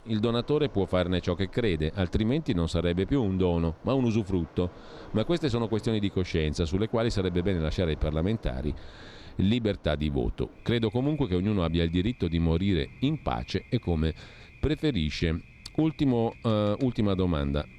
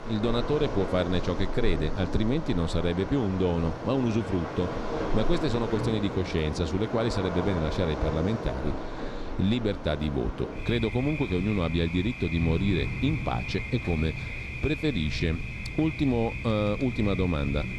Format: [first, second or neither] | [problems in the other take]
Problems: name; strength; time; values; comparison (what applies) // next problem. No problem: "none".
first | rain or running water; loud; throughout; 6 dB below the speech; faint in the first